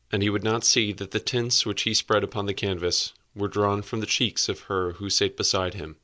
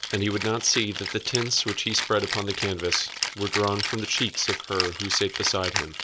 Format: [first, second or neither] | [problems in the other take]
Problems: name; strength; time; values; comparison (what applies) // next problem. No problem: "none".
first | background sound (Rattle (instrument)); 5 dB below the speech